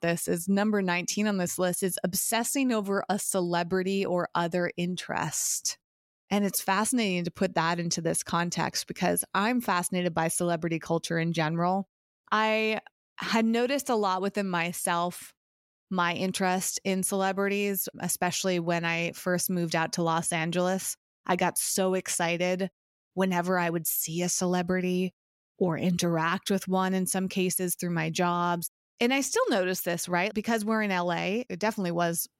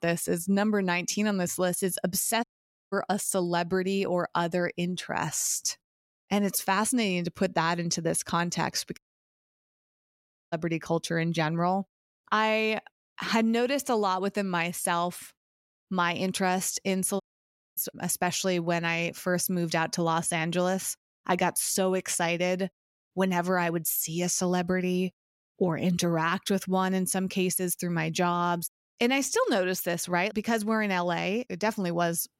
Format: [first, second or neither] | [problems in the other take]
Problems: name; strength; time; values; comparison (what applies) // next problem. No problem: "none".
first | audio cutting out; at 2.5 s, at 9 s for 1.5 s and at 17 s for 0.5 s